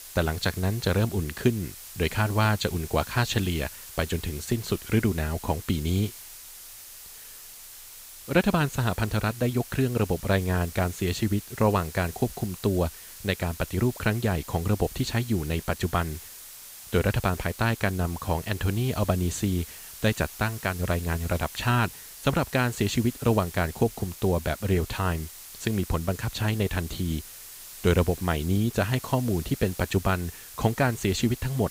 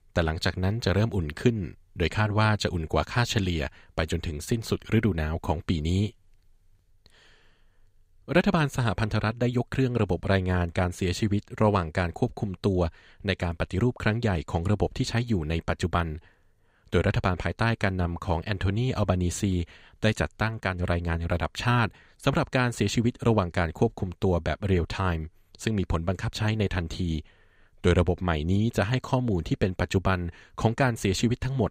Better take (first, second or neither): second